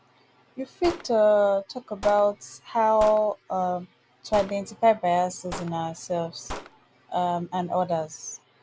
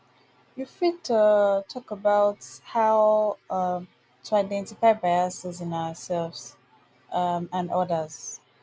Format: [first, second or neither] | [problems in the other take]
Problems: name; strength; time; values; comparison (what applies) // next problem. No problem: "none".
second | background sound (Gunshot, gunfire); 16 dB below the speech